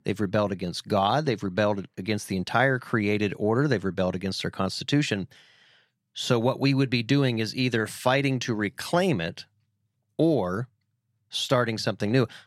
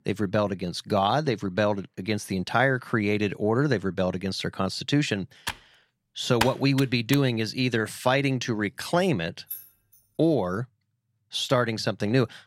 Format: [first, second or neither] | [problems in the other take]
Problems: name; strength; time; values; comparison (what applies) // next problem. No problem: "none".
first | keyboard typing; noticeable; from 5.5 to 7 s; peak 3 dB below the speech // jangling keys; faint; at 9.5 s; peak 10 dB below the speech